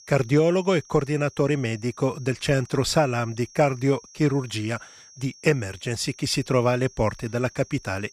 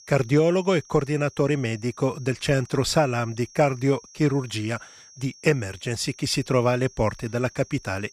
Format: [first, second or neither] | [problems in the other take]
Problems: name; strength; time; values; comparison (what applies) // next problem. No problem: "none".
neither | high-pitched whine; faint; throughout; 5.5 kHz, 25 dB below the speech; the same in both